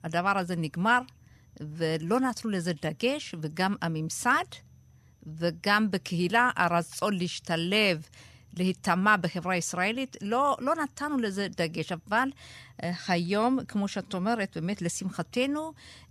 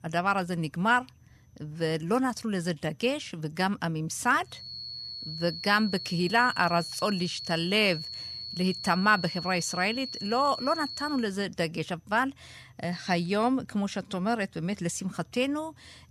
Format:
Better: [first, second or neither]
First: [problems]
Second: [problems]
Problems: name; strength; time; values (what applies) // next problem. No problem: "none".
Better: first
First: none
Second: high-pitched whine; loud; from 4.5 to 11 s; 4.5 kHz, 8 dB below the speech